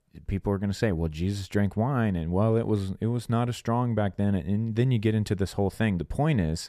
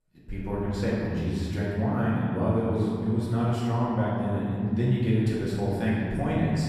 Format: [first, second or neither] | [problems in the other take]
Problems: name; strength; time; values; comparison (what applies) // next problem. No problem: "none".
first | room echo; strong; dies away in 2.2 s // off-mic speech; far